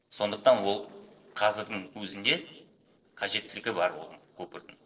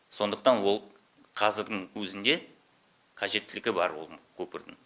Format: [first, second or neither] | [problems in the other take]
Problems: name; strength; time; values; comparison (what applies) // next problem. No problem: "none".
second | noise reduction (neural separator model SepFormer DNS4)